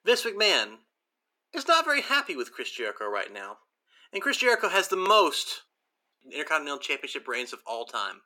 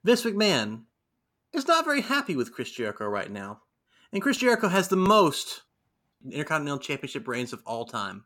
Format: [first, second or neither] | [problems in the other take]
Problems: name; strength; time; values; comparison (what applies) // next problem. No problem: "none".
second | thin; somewhat; fading below 350 Hz